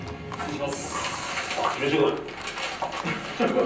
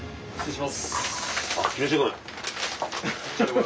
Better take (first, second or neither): second